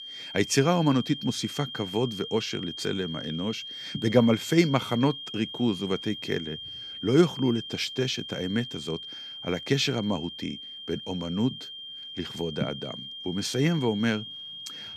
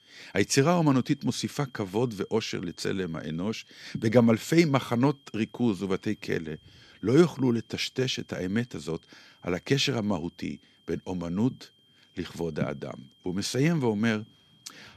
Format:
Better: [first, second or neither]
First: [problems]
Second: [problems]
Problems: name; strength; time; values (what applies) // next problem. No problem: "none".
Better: second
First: high-pitched whine; loud; throughout; 3 kHz, 9 dB below the speech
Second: high-pitched whine; faint; throughout; 3 kHz, 30 dB below the speech